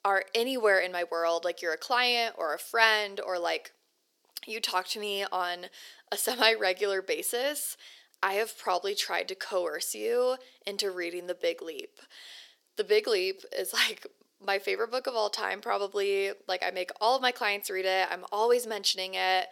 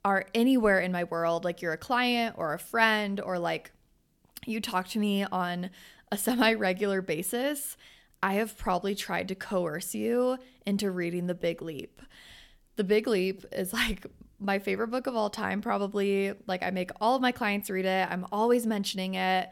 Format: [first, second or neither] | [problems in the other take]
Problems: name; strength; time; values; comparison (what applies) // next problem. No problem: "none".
second | thin; very; fading below 400 Hz